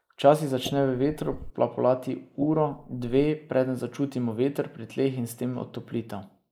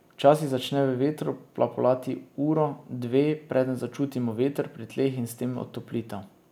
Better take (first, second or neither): second